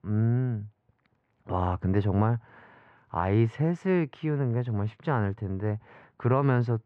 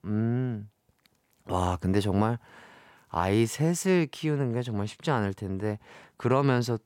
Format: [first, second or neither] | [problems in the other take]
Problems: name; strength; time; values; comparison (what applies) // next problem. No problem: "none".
second | muffled; very; fading above 1.5 kHz